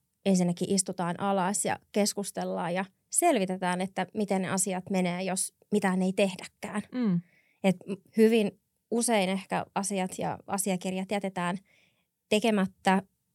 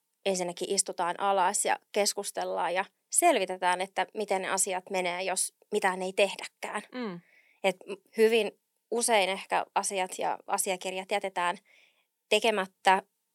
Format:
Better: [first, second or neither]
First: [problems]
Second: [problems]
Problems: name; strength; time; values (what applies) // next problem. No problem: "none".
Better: first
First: none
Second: thin; somewhat; fading below 350 Hz